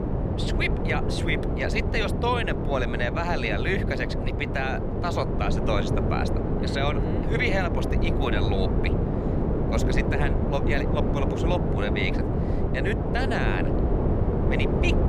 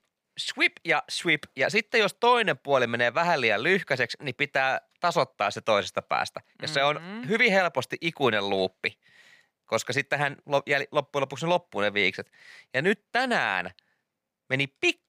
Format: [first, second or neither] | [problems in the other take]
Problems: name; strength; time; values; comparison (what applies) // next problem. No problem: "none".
second | wind noise on the microphone; heavy; 3 dB below the speech